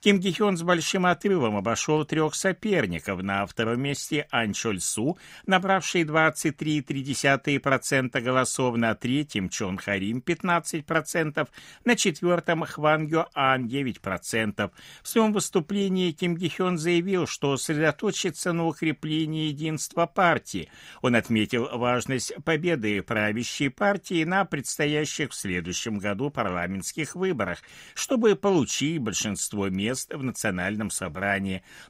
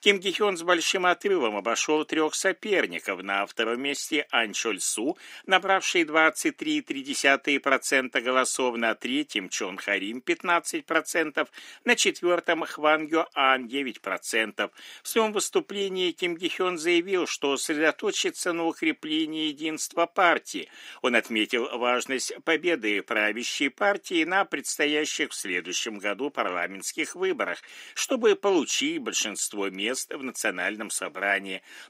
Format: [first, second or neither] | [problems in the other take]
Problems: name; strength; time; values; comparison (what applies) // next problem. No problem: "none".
first | thin; somewhat; fading below 300 Hz